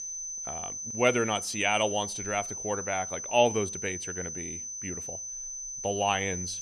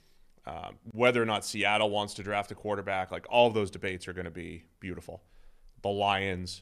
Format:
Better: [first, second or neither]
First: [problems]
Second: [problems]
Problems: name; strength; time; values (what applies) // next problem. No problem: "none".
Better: second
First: high-pitched whine; loud; throughout; 6 kHz, 6 dB below the speech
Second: none